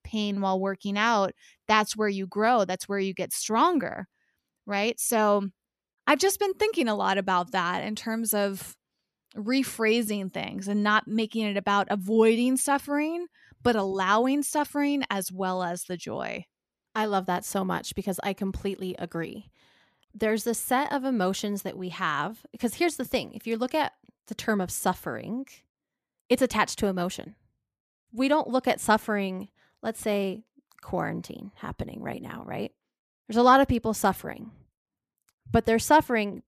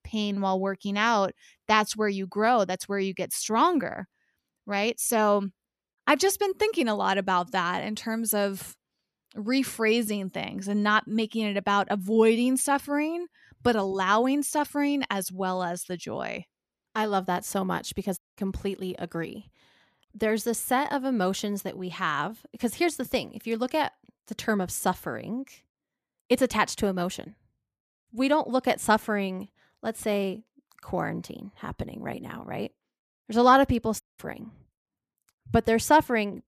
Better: first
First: none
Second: audio cutting out; at 18 s and at 34 s

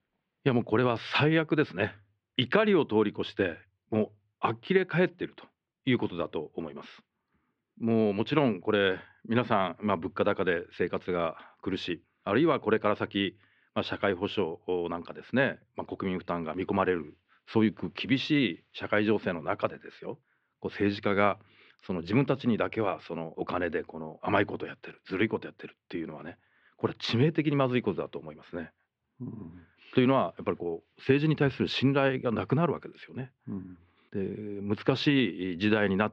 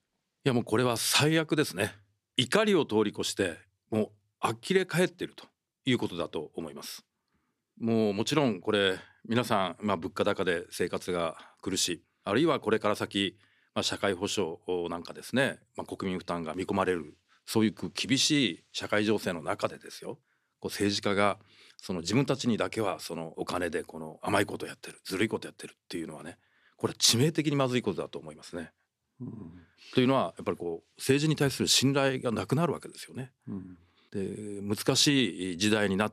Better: second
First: muffled; very; fading above 3 kHz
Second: none

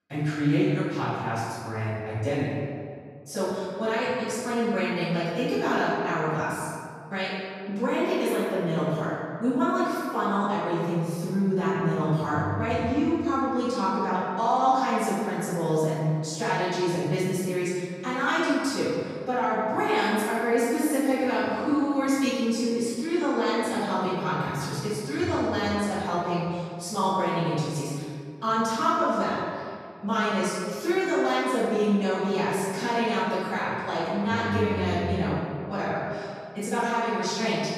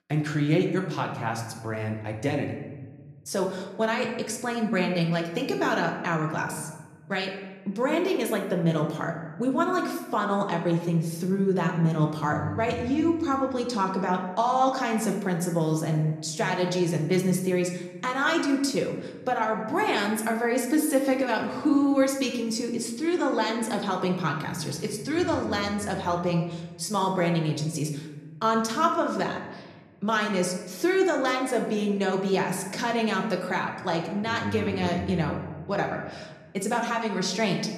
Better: second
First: room echo; strong; dies away in 1.8 s // off-mic speech; far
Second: room echo; slight; dies away in 1 s

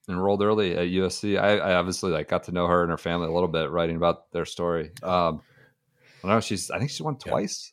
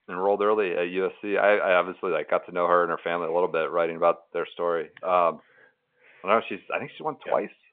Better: first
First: none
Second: phone-call audio; nothing above 3.5 kHz

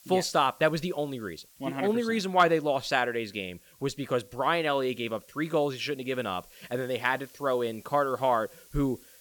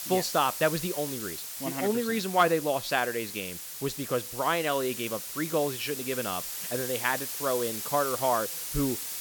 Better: first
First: hiss; faint; throughout; 25 dB below the speech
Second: hiss; loud; throughout; 5 dB below the speech

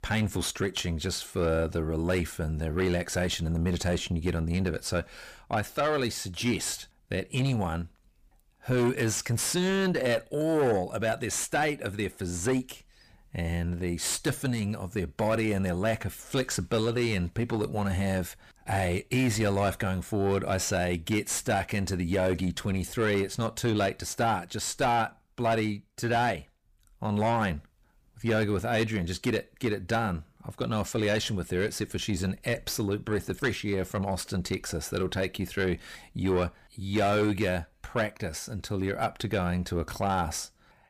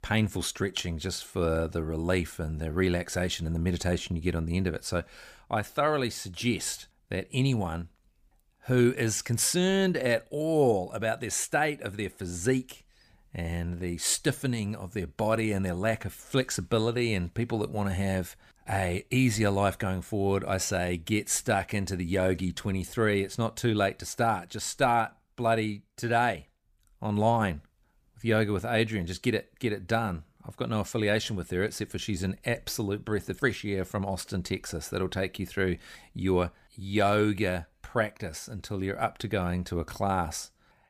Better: second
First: distortion; slight; 9 dB below the speech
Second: none

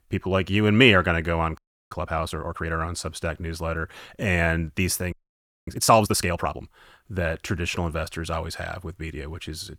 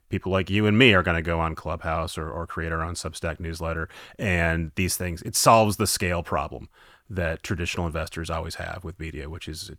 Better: second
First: audio freezing; at 1.5 s and at 5 s for 0.5 s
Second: none

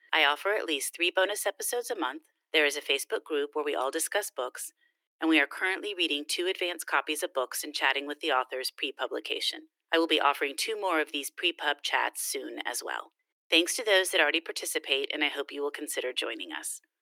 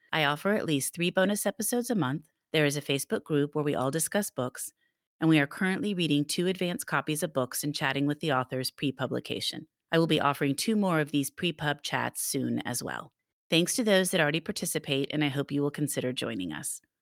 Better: second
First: thin; very; fading below 300 Hz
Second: none

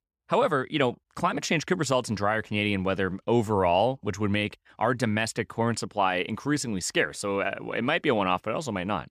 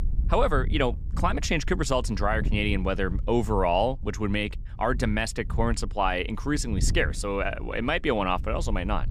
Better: first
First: none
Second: wind noise on the microphone; occasional gusts; 20 dB below the speech

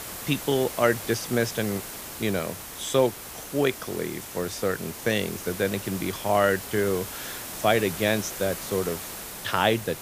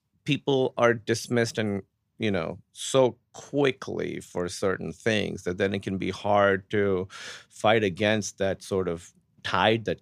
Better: second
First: hiss; loud; throughout; 9 dB below the speech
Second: none

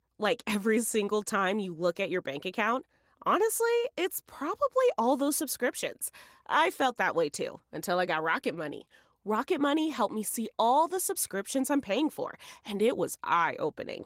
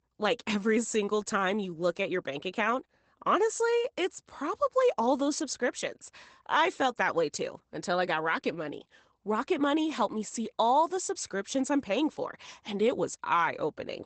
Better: first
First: garbled, watery; slightly; nothing above 16 kHz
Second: garbled, watery; badly; nothing above 8 kHz

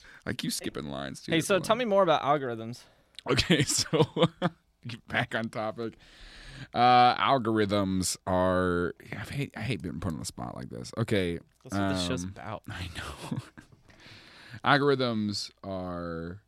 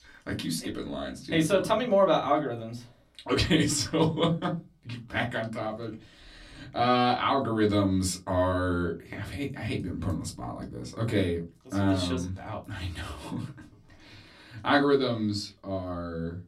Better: first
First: none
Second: off-mic speech; far // room echo; very slight; dies away in 0.2 s

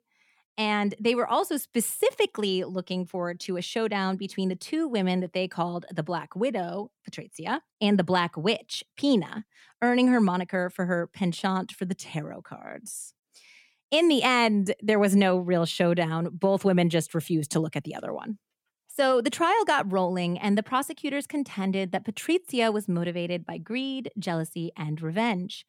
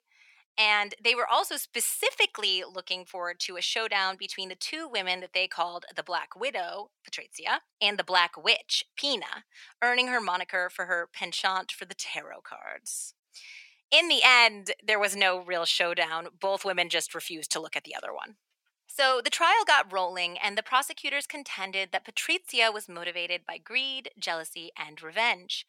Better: first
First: none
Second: thin; very; fading below 800 Hz

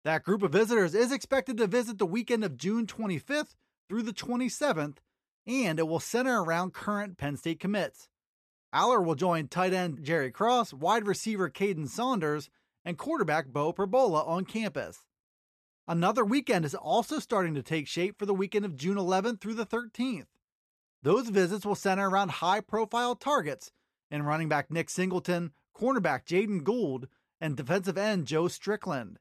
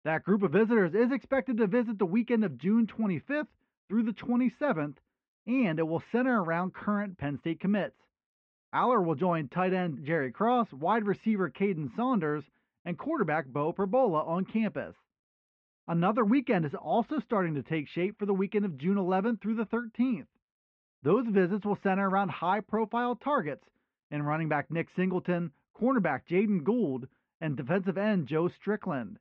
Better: first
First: none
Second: muffled; very; fading above 2.5 kHz

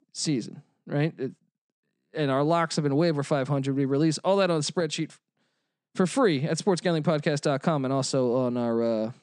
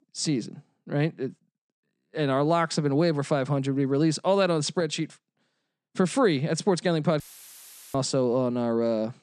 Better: first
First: none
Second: audio cutting out; filled with static; at 7 s for 0.5 s

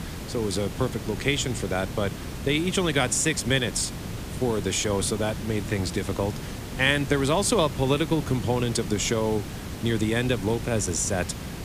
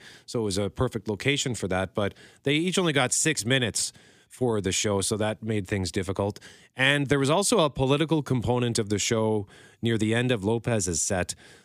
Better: second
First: hiss; loud; throughout; 9 dB below the speech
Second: none

